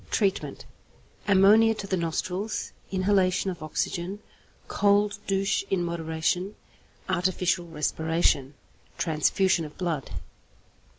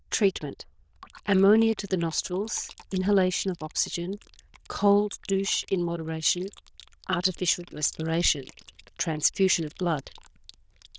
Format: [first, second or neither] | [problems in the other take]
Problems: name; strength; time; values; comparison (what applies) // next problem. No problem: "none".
first | noise reduction (neural diffusion model UNIVERSE++)